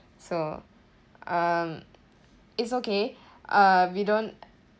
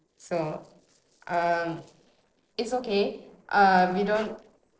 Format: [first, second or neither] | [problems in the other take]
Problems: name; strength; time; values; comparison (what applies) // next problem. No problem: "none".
first | noise reduction (neural separator model SepFormer DNS4)